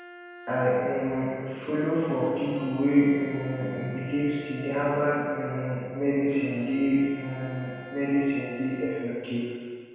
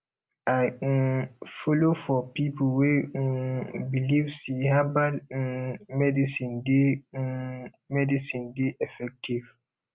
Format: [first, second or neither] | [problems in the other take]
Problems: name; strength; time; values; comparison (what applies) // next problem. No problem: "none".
second | background sound (Bowed string instrument); 19 dB below the speech // room echo; dies away in 1.9 s